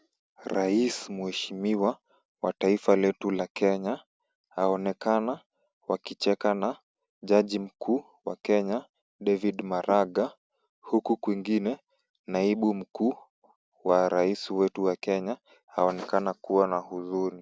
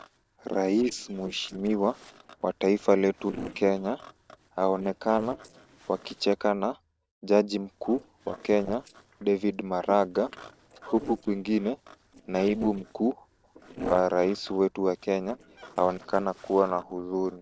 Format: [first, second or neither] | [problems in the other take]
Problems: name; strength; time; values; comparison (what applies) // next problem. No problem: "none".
first | noise reduction (neural separator model SepFormer DNS4)